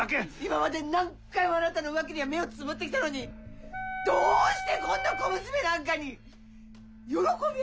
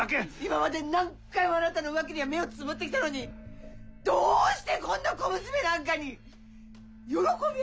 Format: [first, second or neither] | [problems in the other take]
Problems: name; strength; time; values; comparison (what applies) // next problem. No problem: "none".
second | background sound (Wind instrument, woodwind instrument); 6 dB below the speech